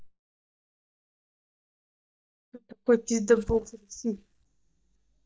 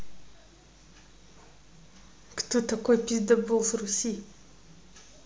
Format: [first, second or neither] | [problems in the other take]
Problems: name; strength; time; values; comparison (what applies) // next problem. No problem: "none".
second | noise reduction (neural mask model DeepFilterNet 3)